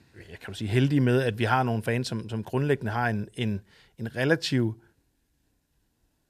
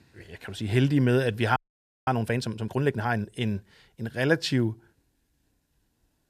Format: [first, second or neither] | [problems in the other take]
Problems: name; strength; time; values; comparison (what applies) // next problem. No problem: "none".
first | audio freezing; at 1.5 s for 0.5 s